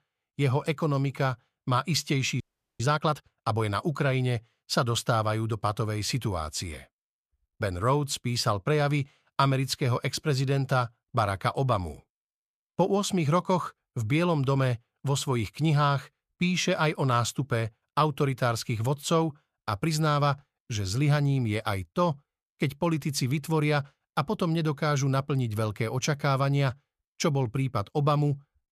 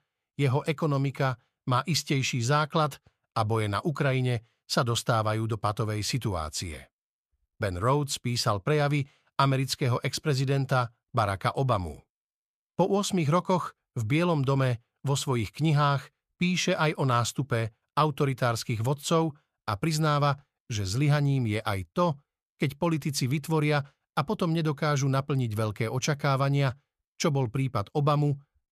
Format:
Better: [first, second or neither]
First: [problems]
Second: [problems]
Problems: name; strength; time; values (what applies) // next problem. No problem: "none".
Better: second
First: audio freezing; at 2.5 s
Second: none